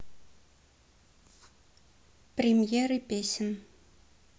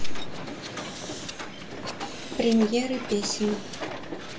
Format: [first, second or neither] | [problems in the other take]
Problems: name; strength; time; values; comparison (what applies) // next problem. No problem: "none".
first | background sound (Hiss); 9 dB below the speech // room echo; dies away in 0.2 s